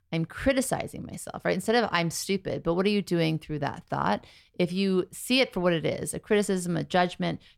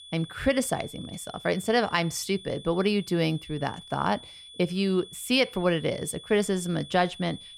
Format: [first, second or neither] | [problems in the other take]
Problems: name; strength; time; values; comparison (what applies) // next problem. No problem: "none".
first | high-pitched whine; noticeable; throughout; 3.5 kHz, 15 dB below the speech